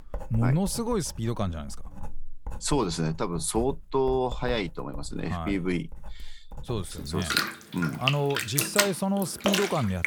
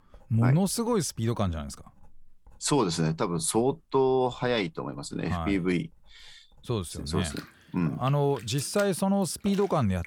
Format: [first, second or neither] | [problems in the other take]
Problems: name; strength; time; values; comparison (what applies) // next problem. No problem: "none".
second | household noises; loud; throughout; 2 dB below the speech; faint in the second